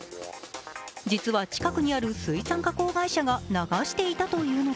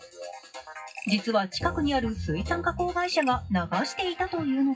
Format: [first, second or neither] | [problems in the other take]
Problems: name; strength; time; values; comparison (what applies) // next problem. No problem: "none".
first | noise reduction (classical method WPE with log-MMSE)